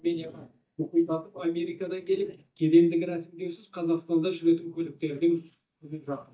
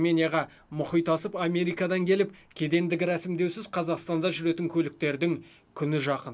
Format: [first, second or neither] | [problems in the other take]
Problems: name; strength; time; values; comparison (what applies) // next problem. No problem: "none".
second | noise reduction (neural mask model DeepFilterNet 3)